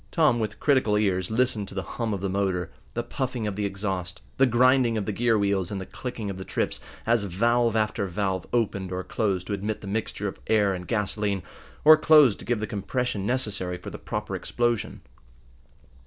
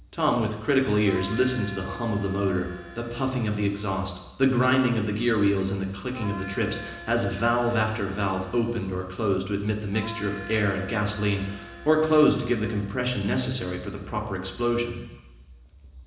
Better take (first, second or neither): first